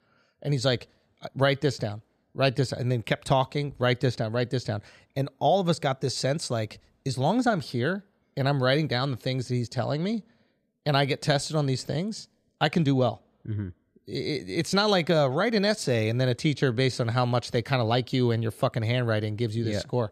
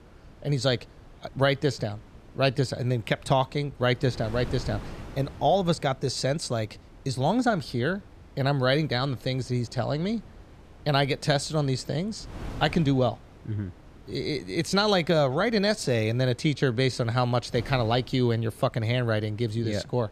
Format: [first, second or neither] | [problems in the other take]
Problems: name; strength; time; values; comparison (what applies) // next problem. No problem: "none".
first | wind noise on the microphone; occasional gusts; 25 dB below the speech